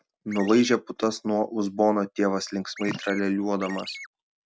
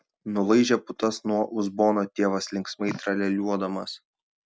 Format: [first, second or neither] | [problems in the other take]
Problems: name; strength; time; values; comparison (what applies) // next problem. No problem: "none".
second | background sound (Chirp, tweet); 14 dB below the speech